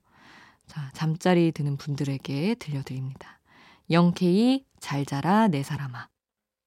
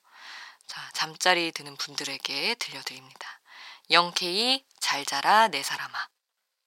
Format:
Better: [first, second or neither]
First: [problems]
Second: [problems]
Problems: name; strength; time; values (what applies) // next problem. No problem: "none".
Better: first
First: none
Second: thin; very; fading below 950 Hz